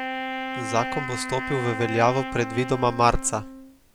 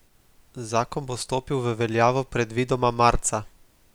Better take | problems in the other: second | background sound (Wind instrument, woodwind instrument); 7 dB below the speech

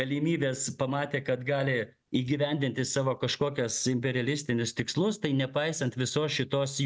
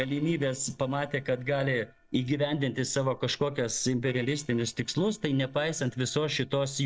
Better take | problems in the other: first | noise reduction (neural separator model SepFormer DNS4)

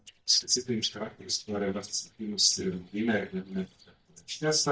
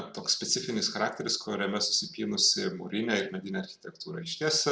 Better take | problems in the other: second | noise reduction (neural mask model DeepFilterNet 3)

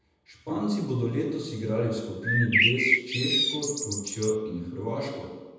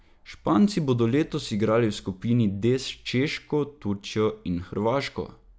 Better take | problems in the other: second | background sound (Bird); 3 dB above the speech // room echo; dies away in 1 s

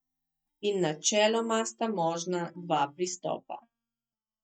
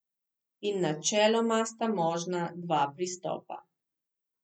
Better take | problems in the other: second | noise reduction (neural mask model DeepFilterNet 3)

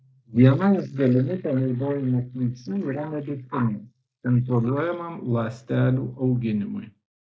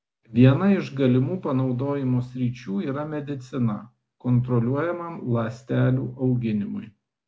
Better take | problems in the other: second | noise reduction (neural mask model Resemble Enhance denoiser)

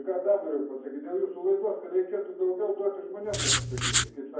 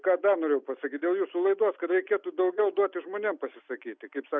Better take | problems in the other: second | background sound (Writing); 3 dB above the speech // room echo; dies away in 0.9 s

